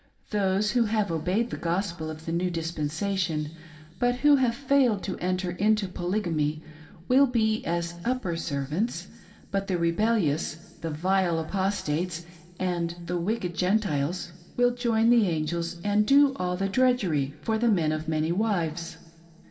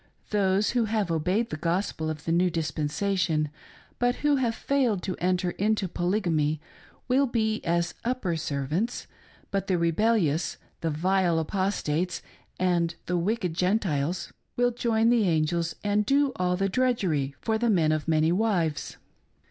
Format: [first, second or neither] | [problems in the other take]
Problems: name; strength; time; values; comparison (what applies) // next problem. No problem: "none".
second | room echo; dies away in 2.6 s